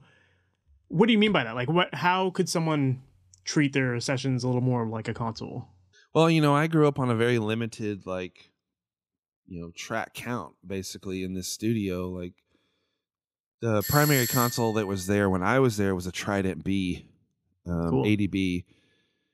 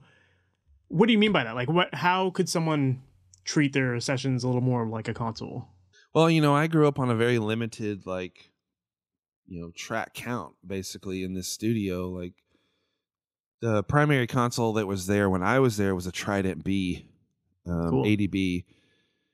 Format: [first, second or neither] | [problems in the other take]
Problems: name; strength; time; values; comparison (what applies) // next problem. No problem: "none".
second | doorbell; noticeable; at 14 s; peak level with the speech